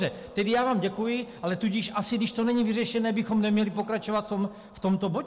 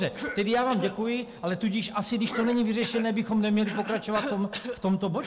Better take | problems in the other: first | background sound (Cough); 12 dB below the speech

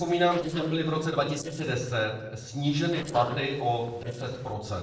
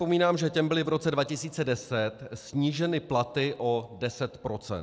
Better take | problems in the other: second | noise reduction (neural separator model SepFormer DNS4)

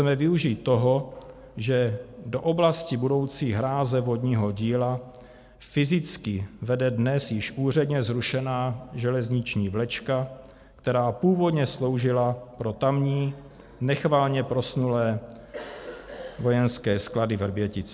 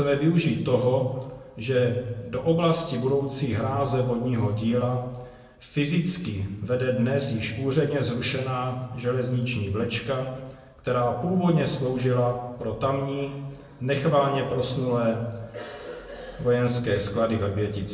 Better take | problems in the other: first | room echo; dies away in 0.9 s

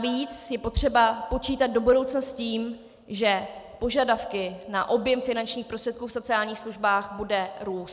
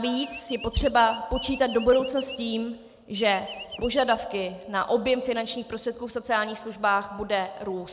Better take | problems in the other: first | background sound (Chirp, tweet); 13 dB below the speech

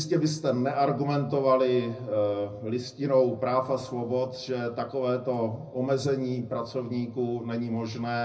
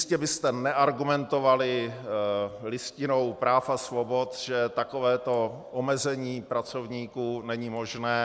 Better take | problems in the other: second | room echo; dies away in 0.4 s

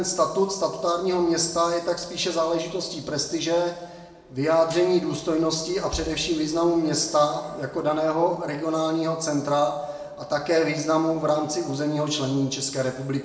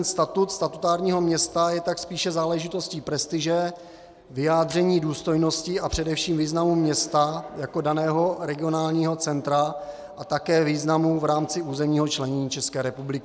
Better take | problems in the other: second | room echo; dies away in 0.9 s

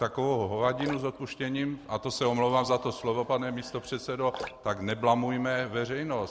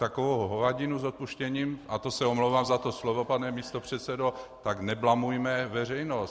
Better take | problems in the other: second | background sound (Drip); 17 dB below the speech

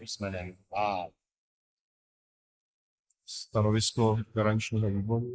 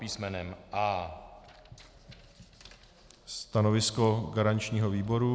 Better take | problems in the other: second | noise reduction (neural mask model Resemble Enhance denoiser)

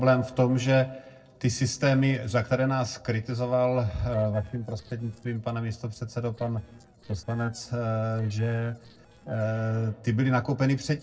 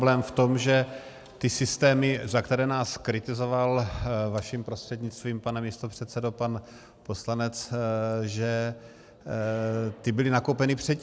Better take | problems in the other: second | noise reduction (neural separator model SepFormer DNS4)

